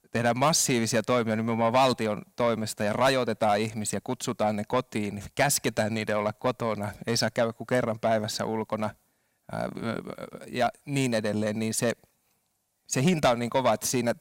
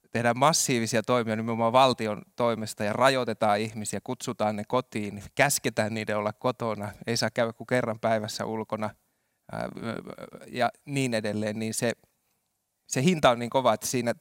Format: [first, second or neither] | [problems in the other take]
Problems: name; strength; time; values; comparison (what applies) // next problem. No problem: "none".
second | distortion; slight; 10 dB below the speech